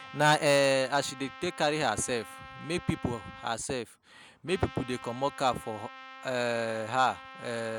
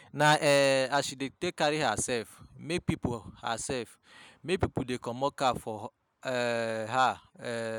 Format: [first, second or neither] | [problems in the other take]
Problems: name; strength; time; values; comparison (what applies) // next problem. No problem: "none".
second | background sound (Trumpet); 17 dB below the speech